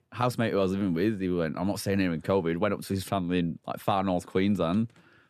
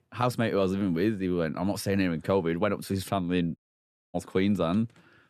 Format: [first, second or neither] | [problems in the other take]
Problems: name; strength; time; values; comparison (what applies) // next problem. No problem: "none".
first | audio cutting out; at 3.5 s for 0.5 s